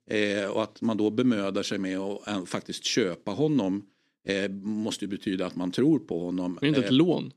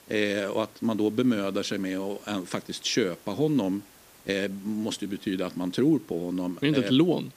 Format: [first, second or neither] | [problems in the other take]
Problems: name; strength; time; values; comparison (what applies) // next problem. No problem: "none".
first | hiss; faint; throughout; 25 dB below the speech